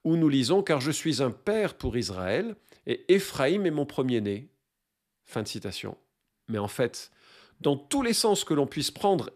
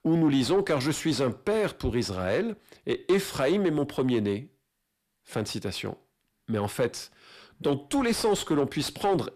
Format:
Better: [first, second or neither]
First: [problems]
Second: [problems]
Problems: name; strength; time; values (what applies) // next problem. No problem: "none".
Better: first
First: none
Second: distortion; slight; 10 dB below the speech